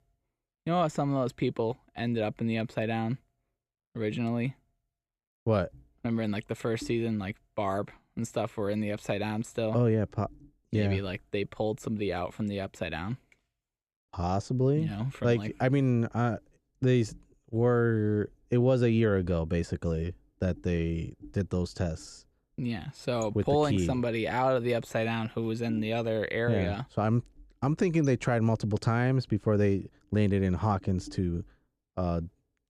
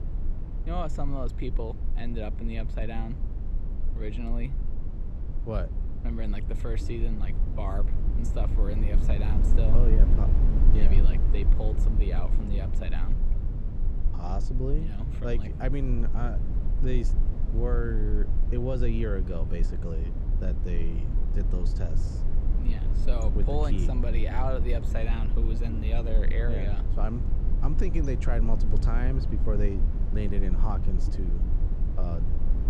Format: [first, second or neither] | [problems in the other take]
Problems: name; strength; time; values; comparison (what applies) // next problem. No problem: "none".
first | low rumble; loud; throughout; 7 dB below the speech